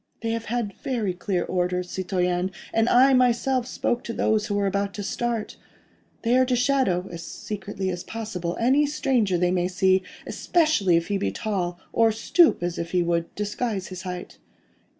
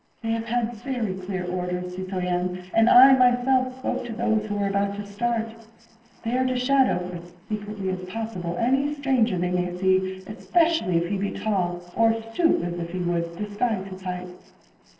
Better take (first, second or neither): first